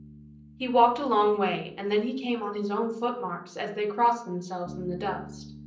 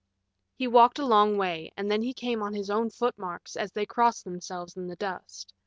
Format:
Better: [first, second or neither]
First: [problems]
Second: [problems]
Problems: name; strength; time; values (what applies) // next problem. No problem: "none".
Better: second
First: background sound (Bass guitar); 20 dB below the speech // room echo; dies away in 0.6 s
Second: none